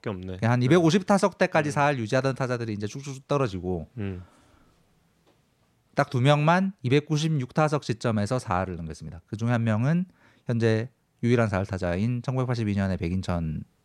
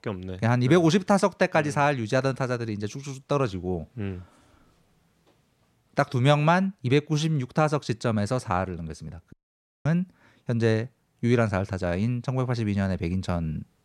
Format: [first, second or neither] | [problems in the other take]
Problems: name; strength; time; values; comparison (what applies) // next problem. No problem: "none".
first | audio cutting out; at 9.5 s for 0.5 s